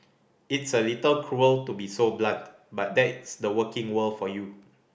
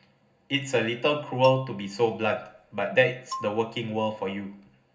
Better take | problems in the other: first | background sound (Marimba, xylophone); 15 dB below the speech // room echo; dies away in 0.4 s

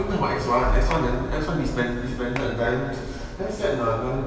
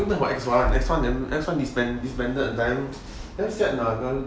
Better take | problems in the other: second | background sound (Clapping); 17 dB below the speech // room echo; dies away in 2.6 s

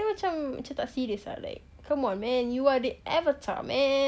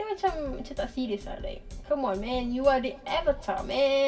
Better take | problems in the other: first | background sound (Drum kit); 13 dB below the speech // room echo; dies away in 2.7 s

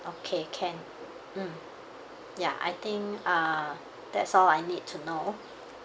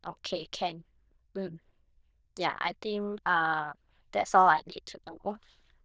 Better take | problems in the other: first | noise reduction (neural diffusion model UNIVERSE++)

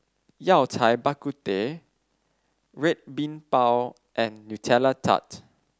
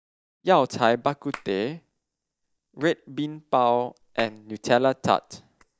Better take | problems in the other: first | noise reduction (neural mask model DeepFilterNet 3)

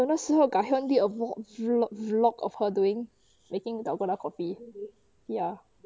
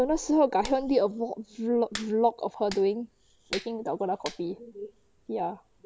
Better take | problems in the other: first | background sound (Hands); 17 dB below the speech

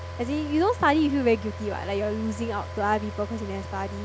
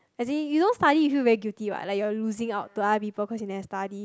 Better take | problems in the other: second | background sound (Car); 9 dB below the speech

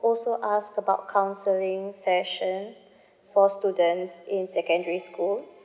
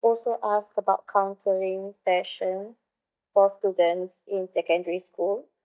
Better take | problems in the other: first | noise reduction (neural mask model DeepFilterNet 3)

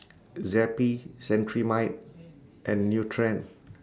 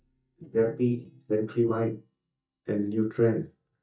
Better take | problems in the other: first | noise reduction (neural mask model DeepFilterNet 3)

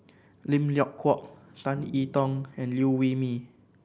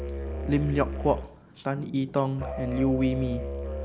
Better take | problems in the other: first | background sound (Musical instrument); 6 dB below the speech

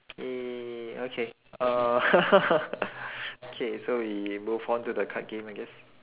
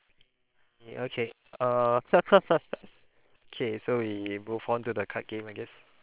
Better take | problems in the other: first | noise reduction (neural separator model SepFormer WHAM!)

